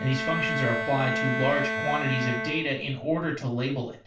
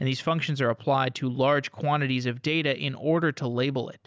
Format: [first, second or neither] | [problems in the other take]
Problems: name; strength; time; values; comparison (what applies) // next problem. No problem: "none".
second | background sound (Bowed string instrument); 4 dB below the speech // room echo; dies away in 0.3 s